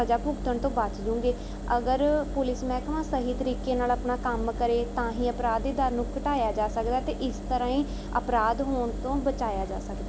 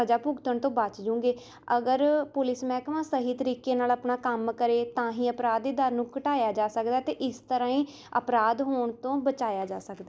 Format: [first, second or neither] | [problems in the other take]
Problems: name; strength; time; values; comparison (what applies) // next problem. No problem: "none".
second | background sound (Engine); 6 dB below the speech